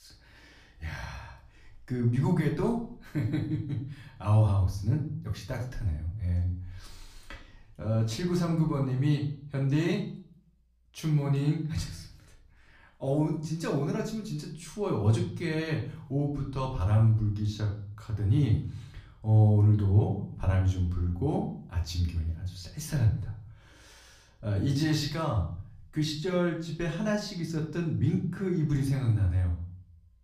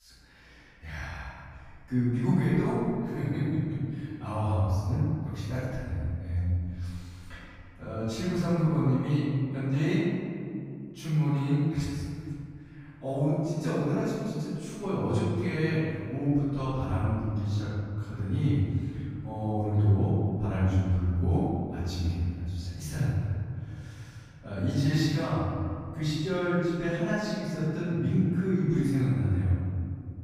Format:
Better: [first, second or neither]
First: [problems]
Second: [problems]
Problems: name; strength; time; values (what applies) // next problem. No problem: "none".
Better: first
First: room echo; slight; dies away in 0.5 s // off-mic speech; far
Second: room echo; strong; dies away in 2.3 s // off-mic speech; far